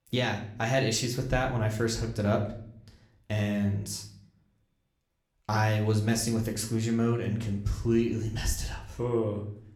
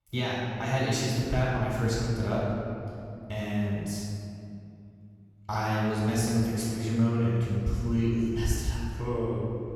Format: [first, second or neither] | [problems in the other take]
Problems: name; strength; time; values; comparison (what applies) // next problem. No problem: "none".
first | room echo; strong; dies away in 2.3 s; slight in the first // off-mic speech; far; somewhat distant in the first